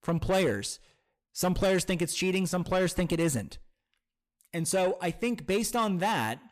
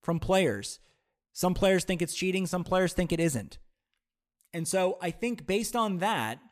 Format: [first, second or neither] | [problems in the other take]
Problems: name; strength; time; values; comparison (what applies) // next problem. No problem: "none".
second | distortion; slight; 10 dB below the speech